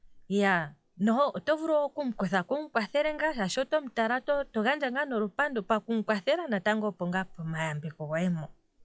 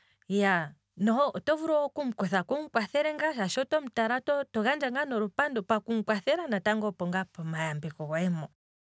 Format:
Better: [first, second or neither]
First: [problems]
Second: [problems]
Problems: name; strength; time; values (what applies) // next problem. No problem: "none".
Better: second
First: noise reduction (classical method log-MMSE)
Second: none